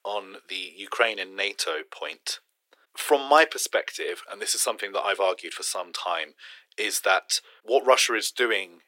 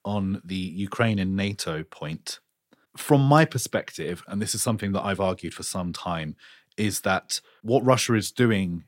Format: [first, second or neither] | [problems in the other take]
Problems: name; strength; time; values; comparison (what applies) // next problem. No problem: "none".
second | thin; very; fading below 400 Hz